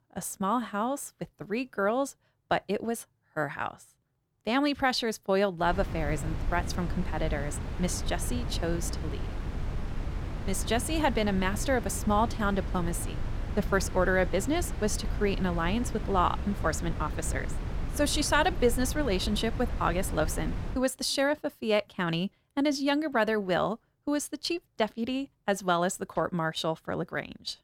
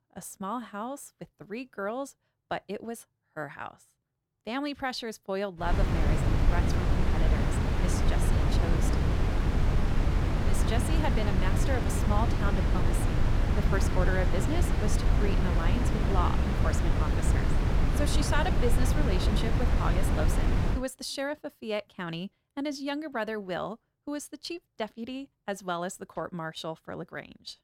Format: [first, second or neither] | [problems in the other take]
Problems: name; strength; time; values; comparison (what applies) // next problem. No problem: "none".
first | wind noise on the microphone; heavy; from 5.5 to 21 s; as loud as the speech; occasional gusts in the first